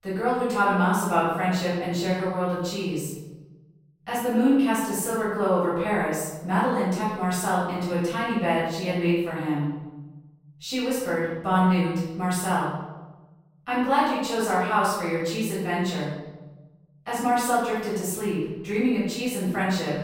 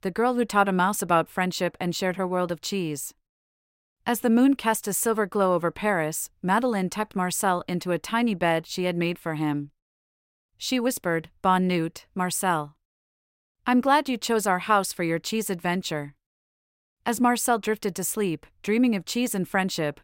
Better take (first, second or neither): second